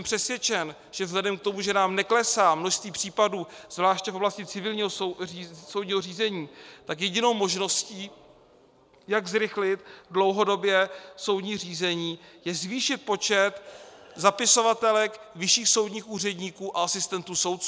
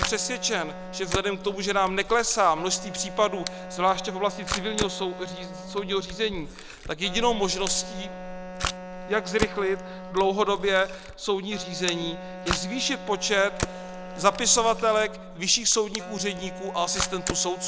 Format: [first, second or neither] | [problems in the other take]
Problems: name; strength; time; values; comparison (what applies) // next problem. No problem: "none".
first | background sound (Camera + Wind instrument, woodwind instrument); 8 dB below the speech